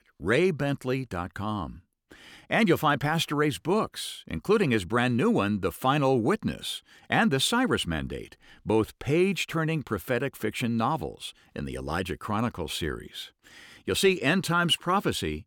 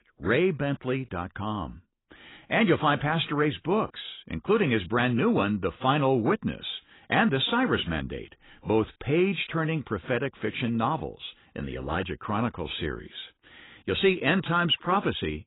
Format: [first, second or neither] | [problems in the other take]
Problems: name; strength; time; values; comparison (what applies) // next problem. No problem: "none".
first | garbled, watery; badly; nothing above 4 kHz